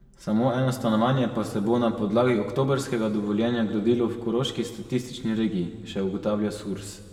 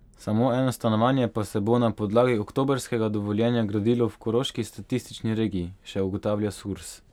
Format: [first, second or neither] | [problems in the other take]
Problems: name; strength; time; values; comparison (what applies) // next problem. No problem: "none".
second | room echo; dies away in 1.8 s